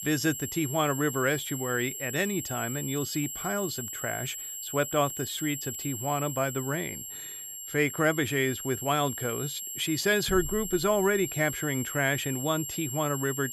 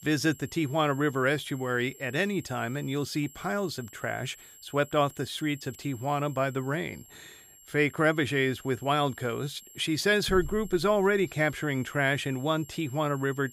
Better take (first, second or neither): second